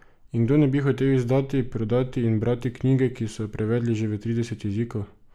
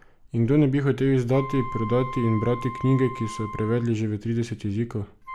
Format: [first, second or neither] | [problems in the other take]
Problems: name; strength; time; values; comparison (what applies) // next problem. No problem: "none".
first | background sound (Wind instrument, woodwind instrument); 14 dB below the speech